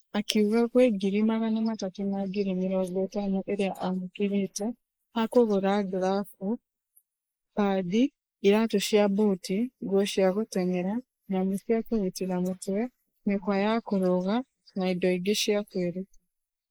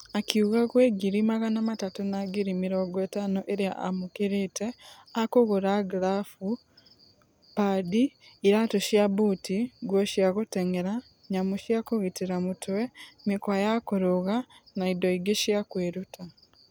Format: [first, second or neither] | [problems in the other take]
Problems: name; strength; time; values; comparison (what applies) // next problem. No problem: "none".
second | noise reduction (neural mask model Resemble Enhance denoiser)